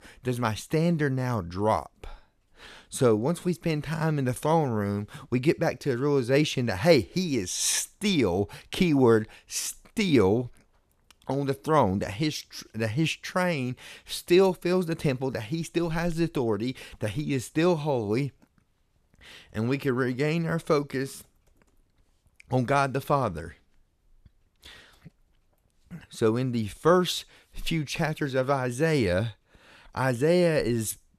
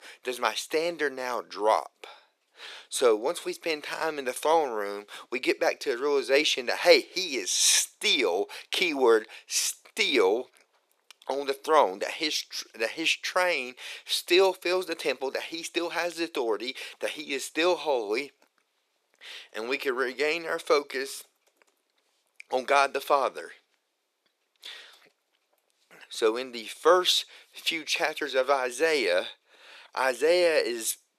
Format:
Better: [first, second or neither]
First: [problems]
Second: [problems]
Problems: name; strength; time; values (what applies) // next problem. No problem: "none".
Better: first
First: none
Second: thin; very; fading below 400 Hz